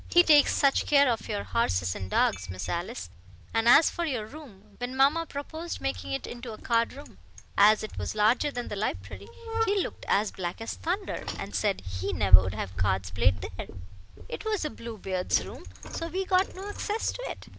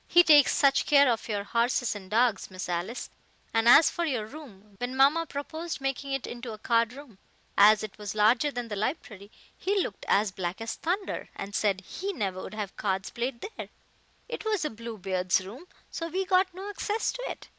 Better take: second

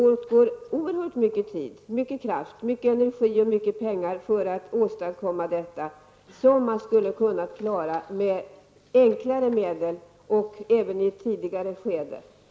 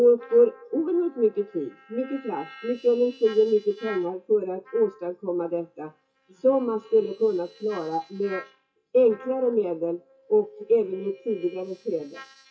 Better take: first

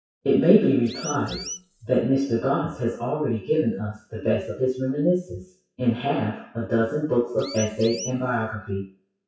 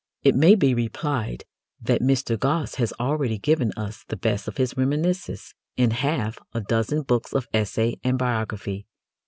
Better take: second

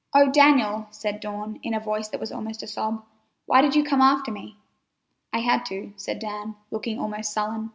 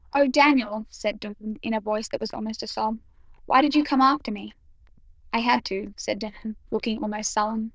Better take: first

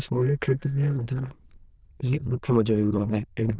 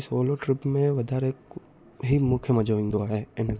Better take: second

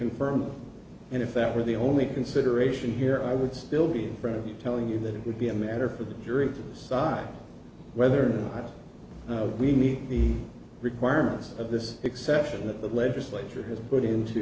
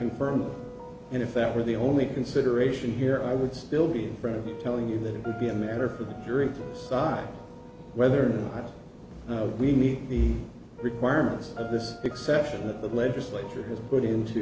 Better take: first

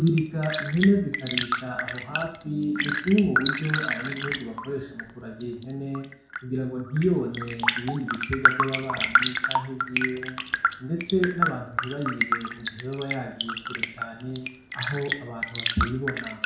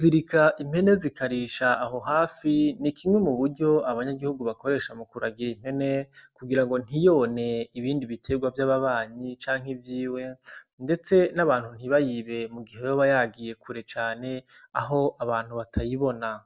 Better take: second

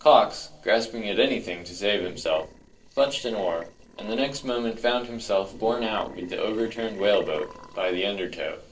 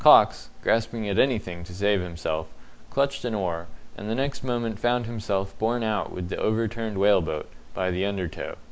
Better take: second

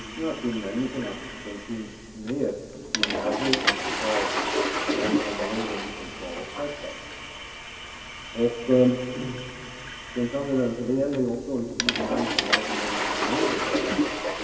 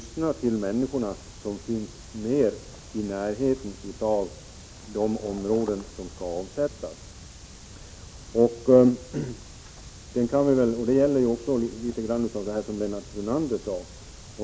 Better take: second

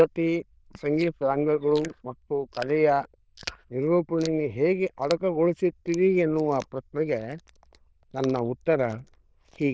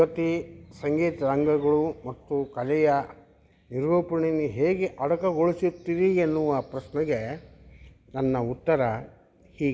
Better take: second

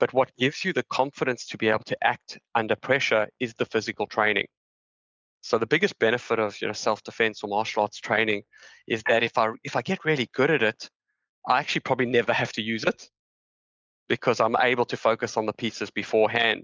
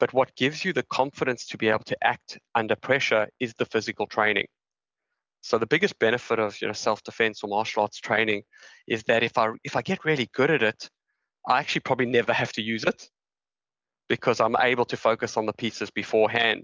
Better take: second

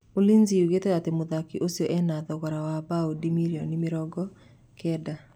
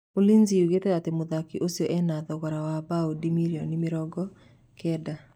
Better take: first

